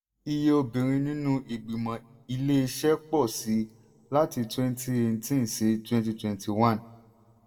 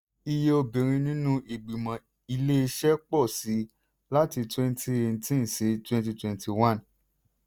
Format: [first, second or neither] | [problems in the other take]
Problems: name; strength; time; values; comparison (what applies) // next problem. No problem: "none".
second | room echo; dies away in 0.5 s